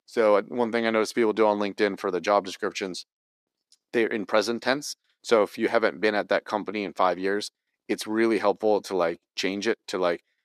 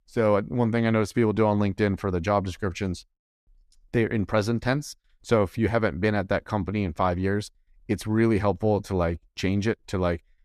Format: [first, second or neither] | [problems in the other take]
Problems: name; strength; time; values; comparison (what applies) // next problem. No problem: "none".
second | thin; somewhat; fading below 300 Hz